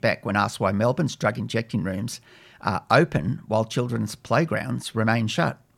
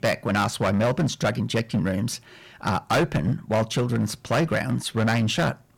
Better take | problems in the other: first | distortion; heavy; 11% of the sound clipped

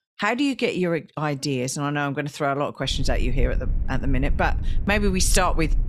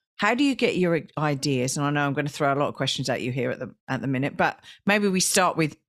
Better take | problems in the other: second | low rumble; faint; from 3 s on; 20 dB below the speech

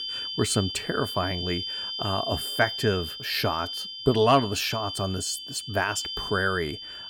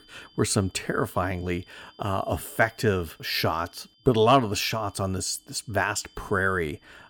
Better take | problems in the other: second | high-pitched whine; loud; throughout; 3 kHz, 5 dB below the speech; faint in the second

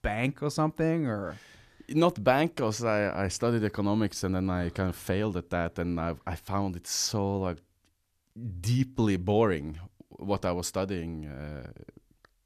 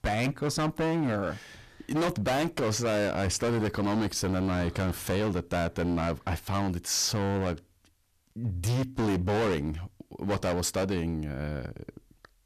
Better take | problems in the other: first | distortion; heavy; 20% of the sound clipped

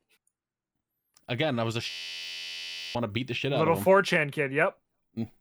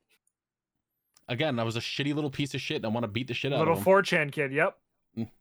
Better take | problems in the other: second | audio freezing; at 2 s for 1 s

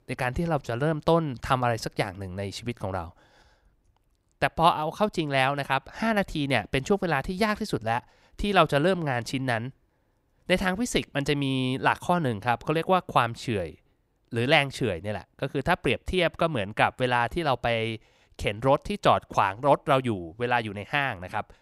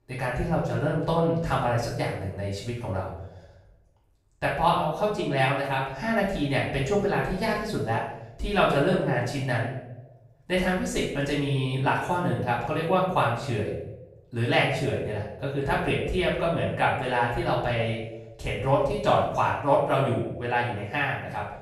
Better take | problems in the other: first | off-mic speech; far // room echo; noticeable; dies away in 0.7 s

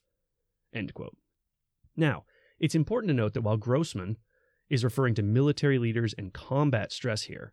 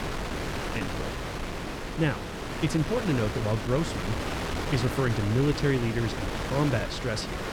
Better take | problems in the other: first | wind noise on the microphone; heavy; 2 dB below the speech

